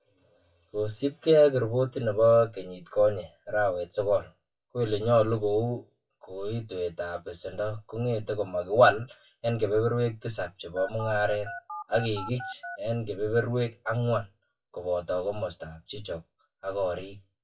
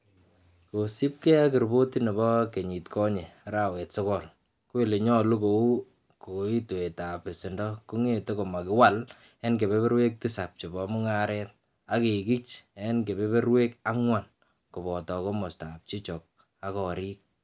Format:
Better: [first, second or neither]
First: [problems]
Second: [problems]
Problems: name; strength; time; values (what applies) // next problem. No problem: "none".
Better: second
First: noise reduction (classical method WPE with log-MMSE)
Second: none